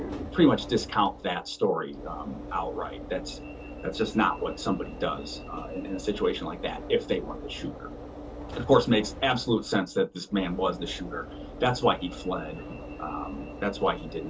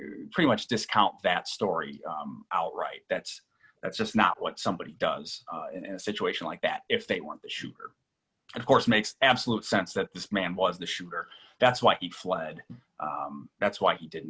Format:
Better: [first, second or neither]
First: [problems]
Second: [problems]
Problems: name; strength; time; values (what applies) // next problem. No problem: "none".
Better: second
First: background sound (Alarm / Engine / Train); 12 dB below the speech // room echo; dies away in 0.2 s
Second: none